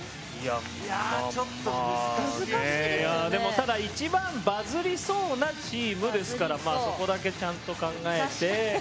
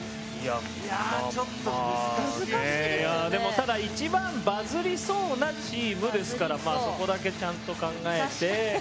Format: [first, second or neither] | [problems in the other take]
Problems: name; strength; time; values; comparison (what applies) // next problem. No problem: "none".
first | background sound (Wind instrument, woodwind instrument); 13 dB below the speech